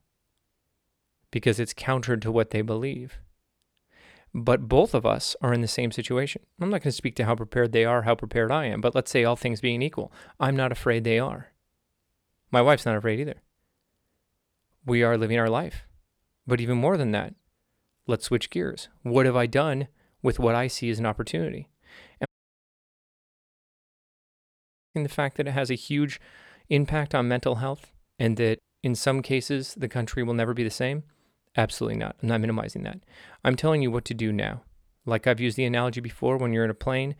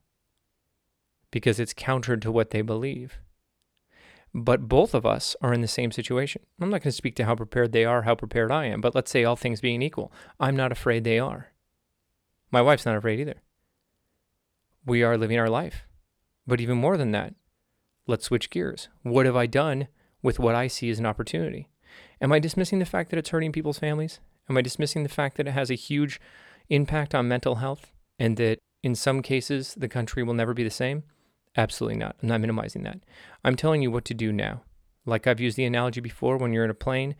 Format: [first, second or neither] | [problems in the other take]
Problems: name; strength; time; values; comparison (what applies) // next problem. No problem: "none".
second | audio cutting out; at 22 s for 2.5 s